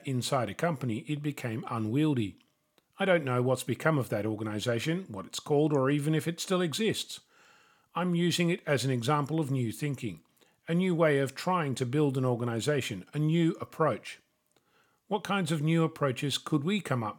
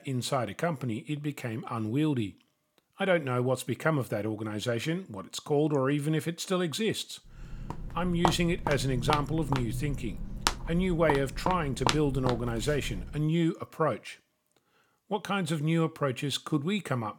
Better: first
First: none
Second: footsteps; noticeable; from 7.5 to 13 s; peak level with the speech

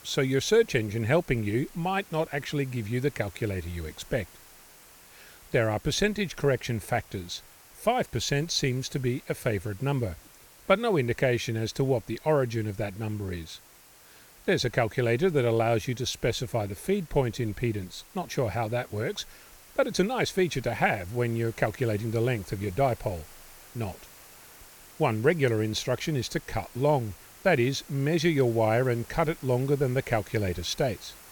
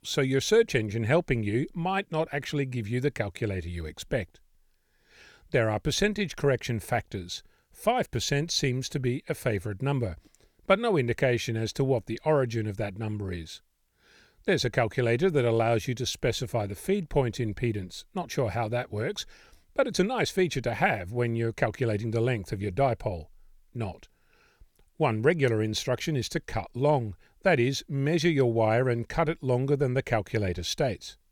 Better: second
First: hiss; faint; throughout; 20 dB below the speech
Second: none

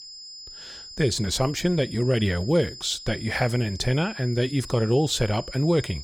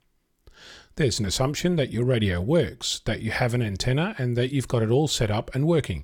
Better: second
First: high-pitched whine; noticeable; throughout; 5 kHz, 15 dB below the speech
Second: none

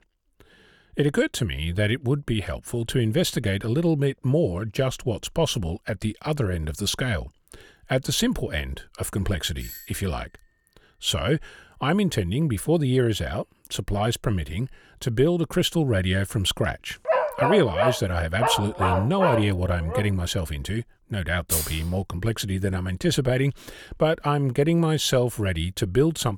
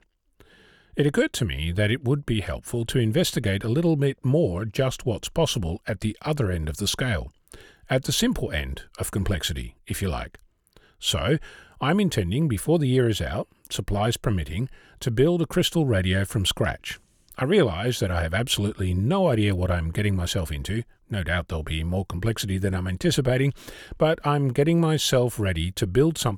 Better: second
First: doorbell; faint; at 9.5 s; peak 15 dB below the speech // dog barking; loud; from 17 to 20 s; peak 2 dB above the speech // jangling keys; noticeable; at 22 s; peak level with the speech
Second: none

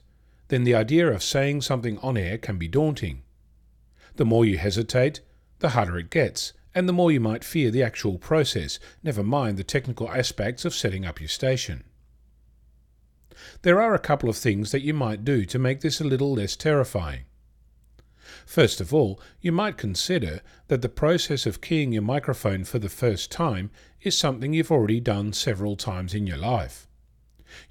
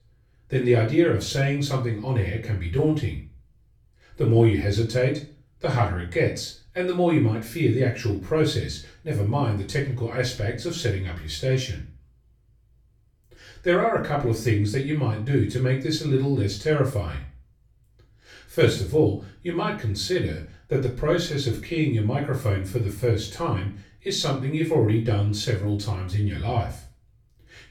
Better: first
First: none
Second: off-mic speech; far // room echo; slight; dies away in 0.4 s

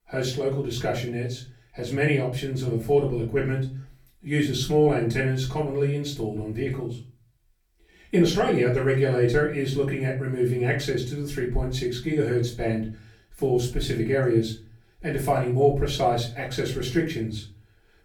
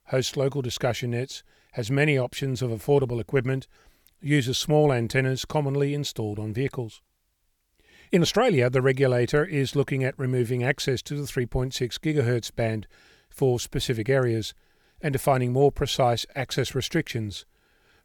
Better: second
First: off-mic speech; far // room echo; slight; dies away in 0.4 s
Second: none

